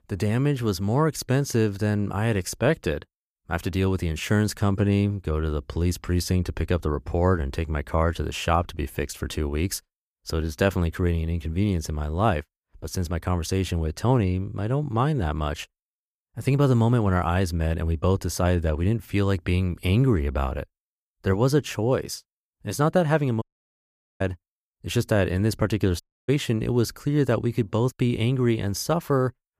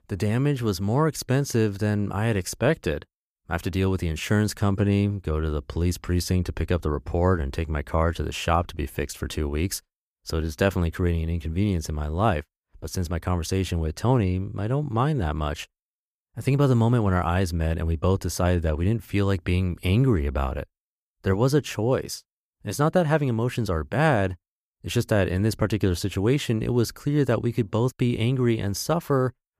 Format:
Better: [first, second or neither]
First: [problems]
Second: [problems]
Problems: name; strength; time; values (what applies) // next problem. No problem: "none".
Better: second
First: audio cutting out; at 23 s for 1 s and at 26 s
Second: none